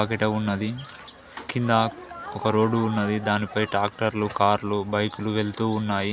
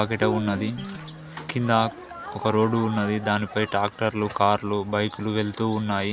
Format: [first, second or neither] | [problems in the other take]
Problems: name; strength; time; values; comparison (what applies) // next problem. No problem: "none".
first | background sound (Guitar); 10 dB below the speech